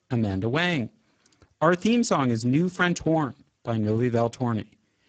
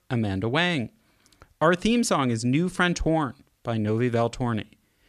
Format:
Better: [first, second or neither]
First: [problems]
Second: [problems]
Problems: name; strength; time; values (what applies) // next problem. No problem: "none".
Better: second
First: garbled, watery; badly; nothing above 7.5 kHz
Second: none